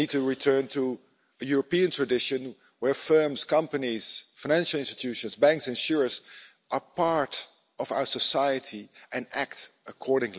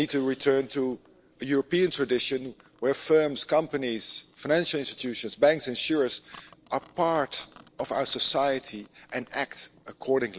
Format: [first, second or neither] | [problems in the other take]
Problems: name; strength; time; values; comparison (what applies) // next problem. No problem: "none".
first | noise reduction (neural separator model SepFormer DNS4)